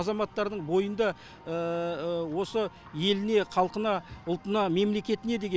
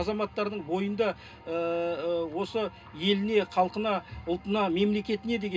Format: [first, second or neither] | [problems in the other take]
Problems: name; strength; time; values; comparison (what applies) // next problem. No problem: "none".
first | room echo; dies away in 0.2 s